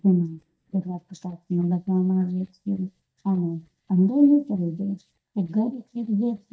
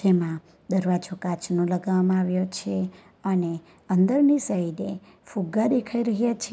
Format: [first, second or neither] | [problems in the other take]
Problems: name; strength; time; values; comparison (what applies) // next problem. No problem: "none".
second | noise reduction (neural mask model DeepFilterNet 3)